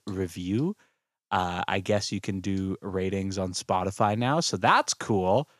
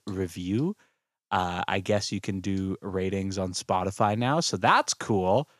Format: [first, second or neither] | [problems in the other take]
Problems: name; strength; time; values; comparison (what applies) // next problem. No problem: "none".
neither | none